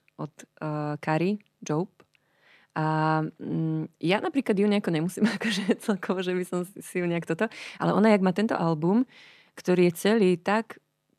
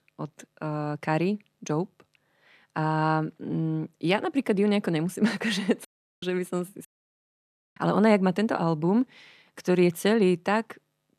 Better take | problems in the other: first | audio cutting out; at 6 s and at 7 s for 1 s

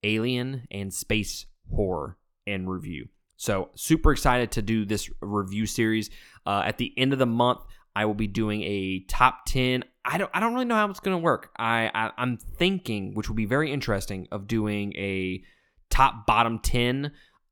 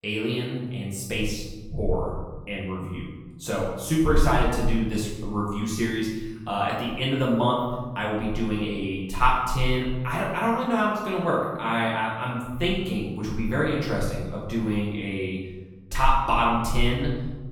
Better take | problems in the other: first | room echo; noticeable; dies away in 1.2 s // off-mic speech; far

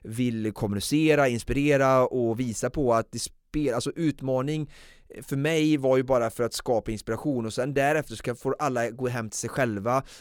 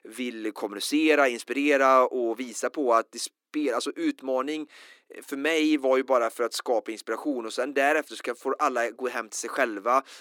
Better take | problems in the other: first | thin; very slightly; fading below 300 Hz

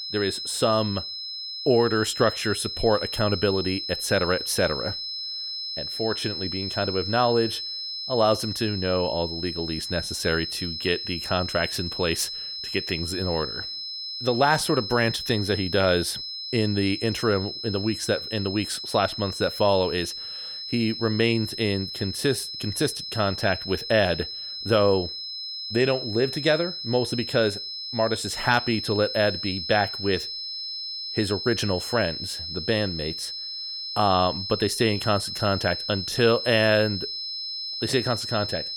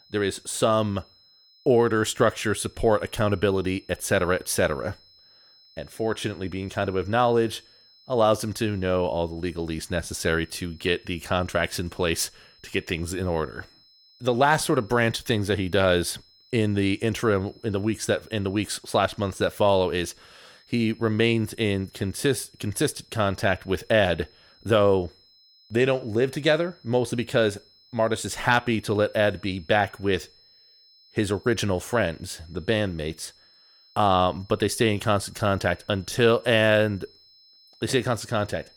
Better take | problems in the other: second | high-pitched whine; loud; throughout; 5 kHz, 5 dB below the speech; faint in the second

